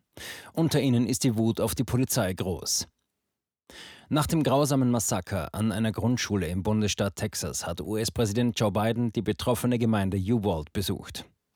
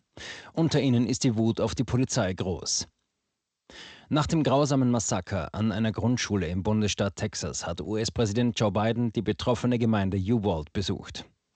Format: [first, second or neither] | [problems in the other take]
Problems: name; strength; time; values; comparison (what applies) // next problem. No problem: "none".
first | garbled, watery; slightly; nothing above 7.5 kHz